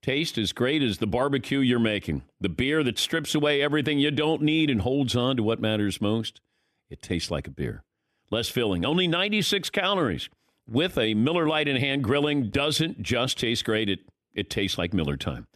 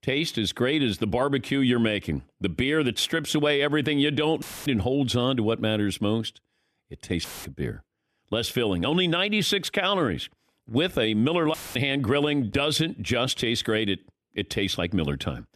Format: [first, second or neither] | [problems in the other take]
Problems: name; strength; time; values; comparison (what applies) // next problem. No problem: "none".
first | audio cutting out; filled with static; at 4.5 s, at 7 s and at 12 s